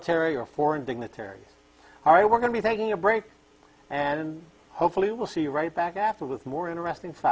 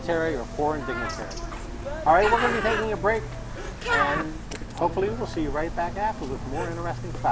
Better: first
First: none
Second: background sound (Bird); 3 dB below the speech

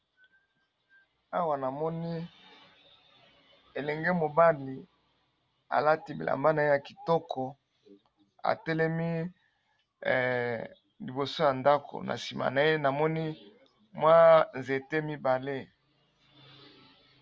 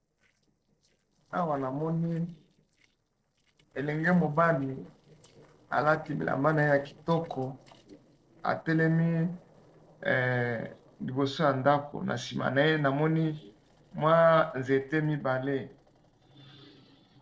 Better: first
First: none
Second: noise reduction (neural separator model SepFormer DNS4)

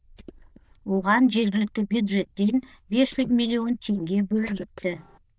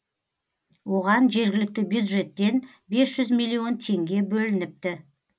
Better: second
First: noise reduction (neural diffusion model UNIVERSE++)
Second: none

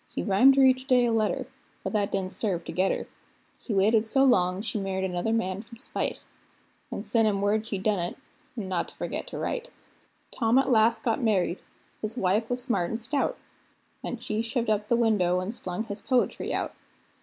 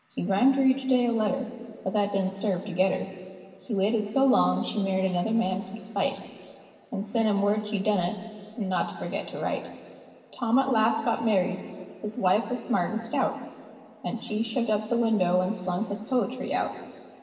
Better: first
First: none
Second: room echo; dies away in 2.5 s

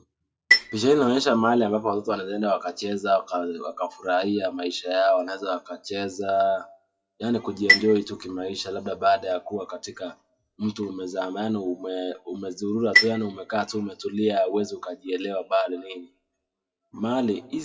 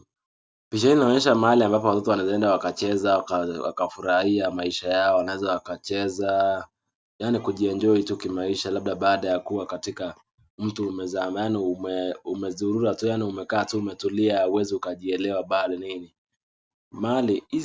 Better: second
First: noise reduction (classical method WPE with log-MMSE)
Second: none

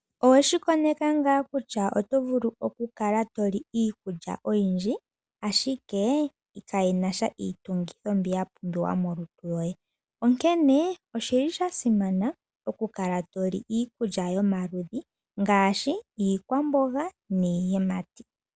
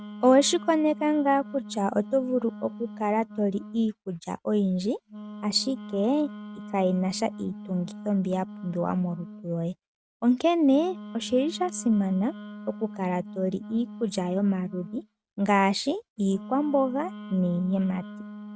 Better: first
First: none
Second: noise reduction (neural mask model RNNoise)

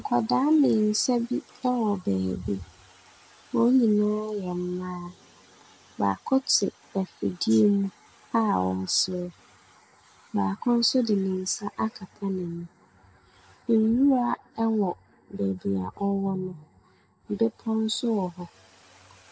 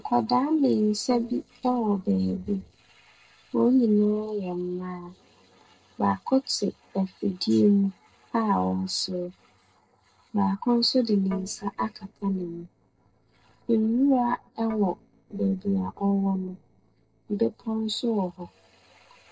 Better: first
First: none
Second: noise reduction (neural separator model SepFormer DNS4)

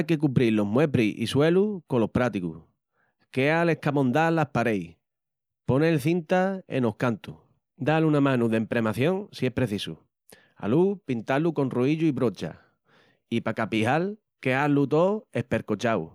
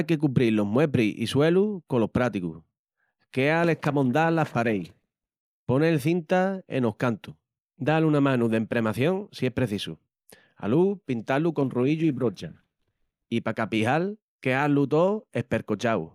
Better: first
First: none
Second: noise reduction (neural mask model DeepFilterNet 3)

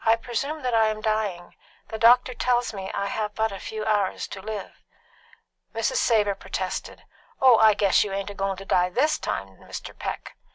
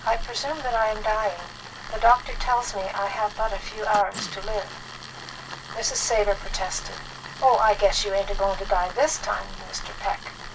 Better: first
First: none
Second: background sound (Tools); 14 dB below the speech // room echo; dies away in 0.2 s

